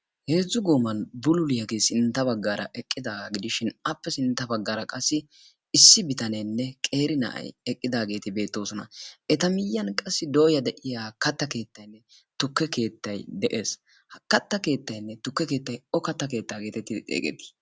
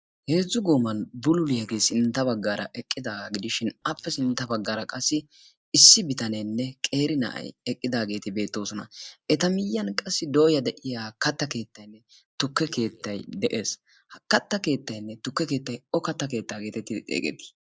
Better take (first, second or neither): first